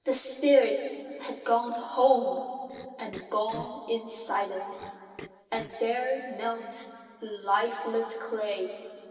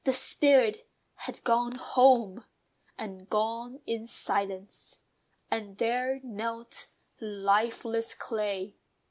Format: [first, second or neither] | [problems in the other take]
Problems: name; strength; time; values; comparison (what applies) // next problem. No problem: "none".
second | noise reduction (neural separator model SepFormer DNS4)